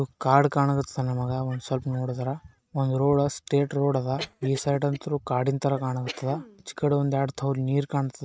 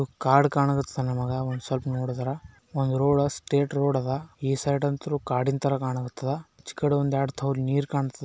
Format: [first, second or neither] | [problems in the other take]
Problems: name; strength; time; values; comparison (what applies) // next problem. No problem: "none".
second | noise reduction (neural mask model RNNoise)